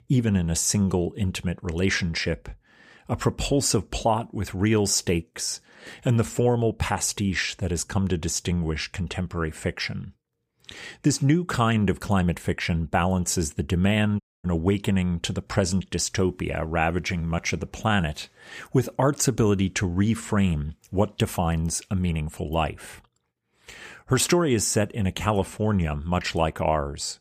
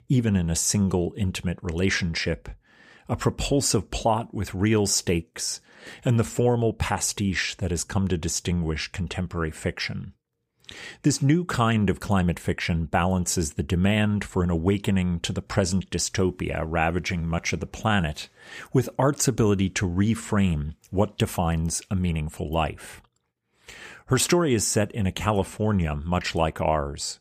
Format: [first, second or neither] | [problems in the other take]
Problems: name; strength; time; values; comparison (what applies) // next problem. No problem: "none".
second | audio cutting out; at 14 s